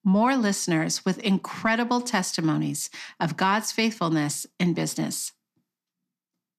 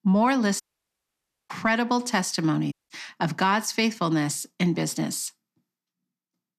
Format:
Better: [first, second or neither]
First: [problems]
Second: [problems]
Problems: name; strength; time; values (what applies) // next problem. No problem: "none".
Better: first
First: none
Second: audio cutting out; at 0.5 s for 1 s and at 2.5 s